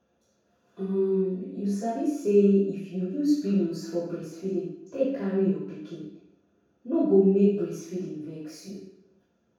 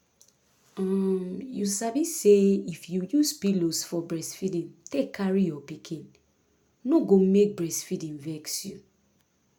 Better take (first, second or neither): second